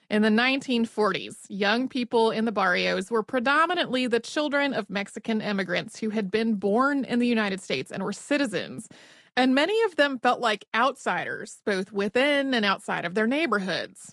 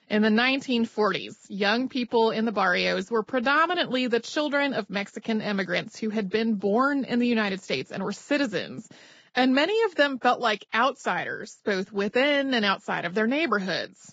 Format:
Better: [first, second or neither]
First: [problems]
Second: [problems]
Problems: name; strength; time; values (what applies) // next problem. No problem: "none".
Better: first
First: garbled, watery; slightly; nothing above 10.5 kHz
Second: garbled, watery; badly; nothing above 7.5 kHz